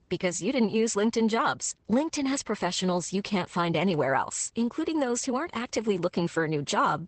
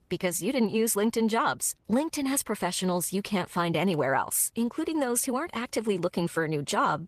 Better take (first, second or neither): second